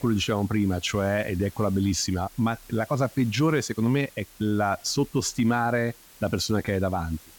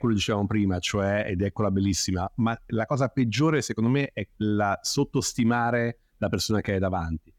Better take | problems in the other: second | hiss; faint; throughout; 25 dB below the speech

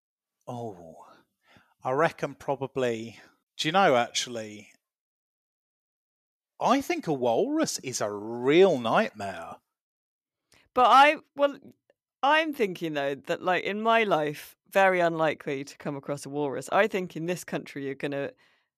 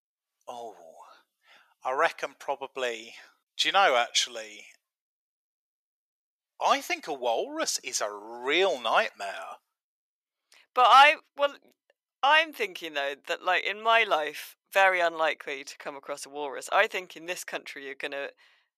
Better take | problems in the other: first | thin; very; fading below 650 Hz

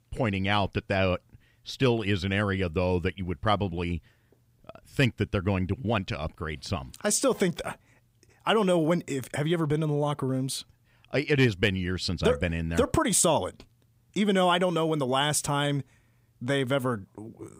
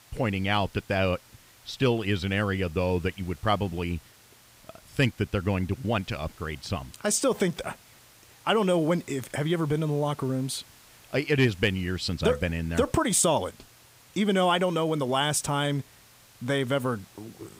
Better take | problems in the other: first | hiss; faint; throughout; 25 dB below the speech

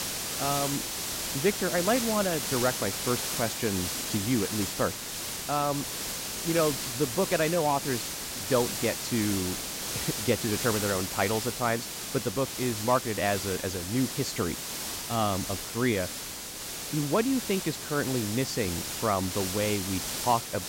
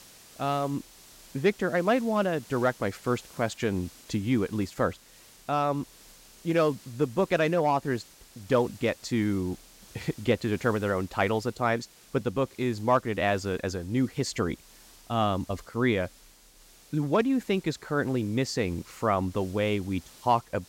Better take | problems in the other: second | hiss; loud; throughout; 2 dB below the speech; faint in the second

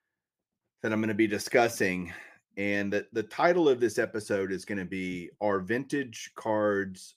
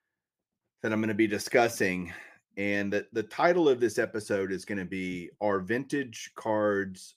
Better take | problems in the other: neither | none

